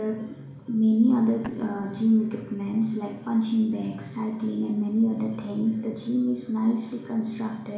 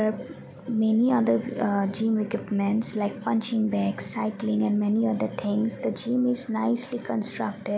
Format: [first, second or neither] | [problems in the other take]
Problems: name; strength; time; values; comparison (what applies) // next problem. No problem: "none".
second | background sound (Tap); 19 dB below the speech // room echo; dies away in 0.7 s